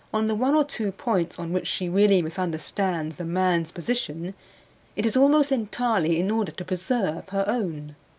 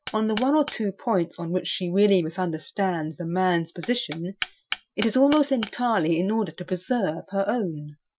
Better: first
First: none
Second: noise reduction (classical method Wiener filter)

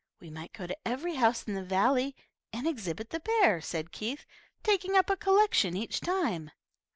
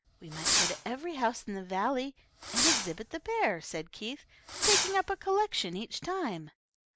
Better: first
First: none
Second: background sound (Fireworks); 2 dB above the speech

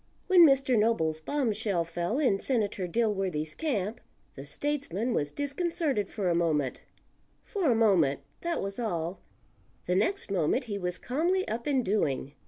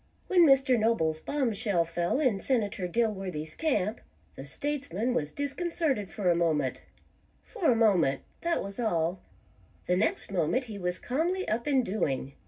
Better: first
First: none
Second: room echo; dies away in 0.4 s

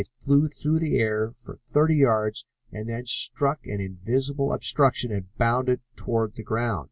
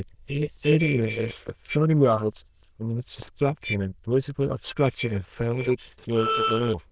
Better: first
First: none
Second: noise reduction (neural diffusion model UNIVERSE++)

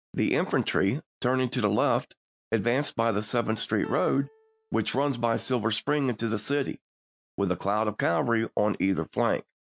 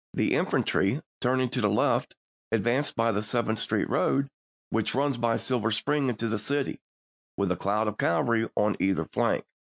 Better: second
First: background sound (Piano); 19 dB below the speech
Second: none

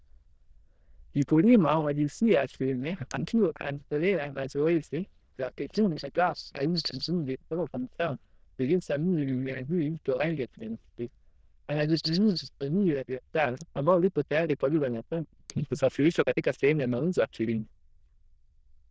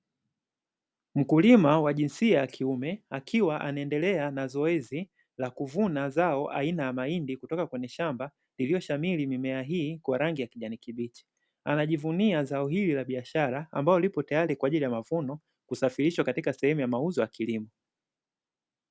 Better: second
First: noise reduction (neural diffusion model UNIVERSE++)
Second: none

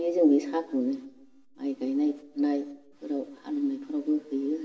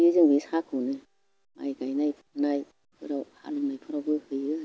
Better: second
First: room echo; dies away in 0.8 s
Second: none

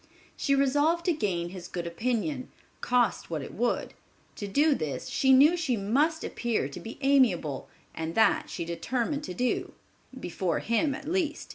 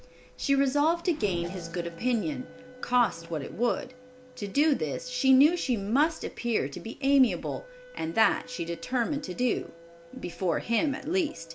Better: first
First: none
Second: background sound (Race car, auto racing / Accelerating, revving, vroom + Wind instrument, woodwind instrument); 18 dB below the speech

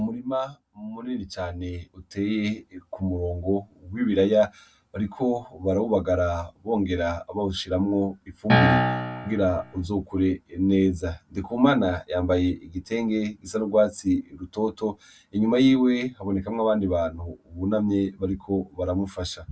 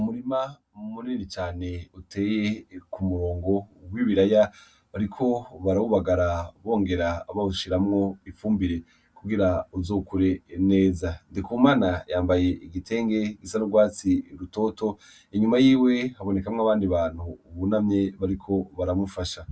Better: second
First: background sound (Piano); 2 dB above the speech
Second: none

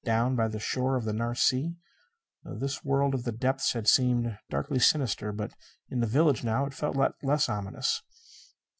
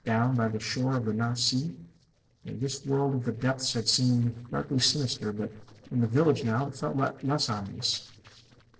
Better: first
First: none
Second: noise reduction (neural separator model SepFormer DNS4)

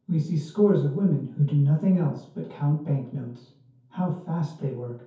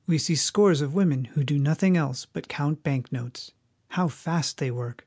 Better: second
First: room echo; dies away in 0.6 s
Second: none

